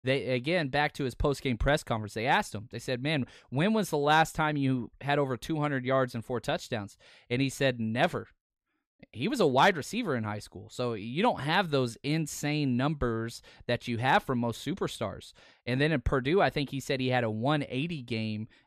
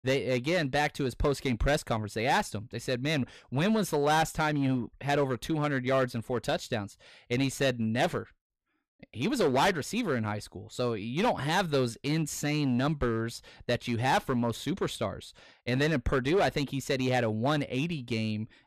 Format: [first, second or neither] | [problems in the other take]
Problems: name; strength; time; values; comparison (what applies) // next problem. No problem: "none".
first | distortion; slight; 6% of the sound clipped